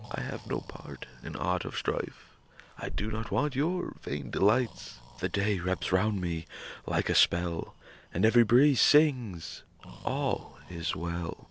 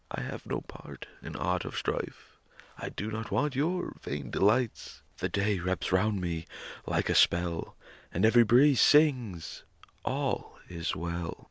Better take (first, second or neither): second